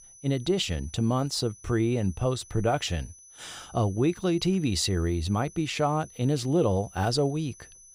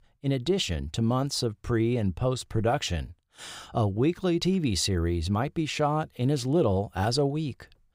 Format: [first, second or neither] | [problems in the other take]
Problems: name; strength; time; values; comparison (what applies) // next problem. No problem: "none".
second | high-pitched whine; faint; throughout; 6 kHz, 20 dB below the speech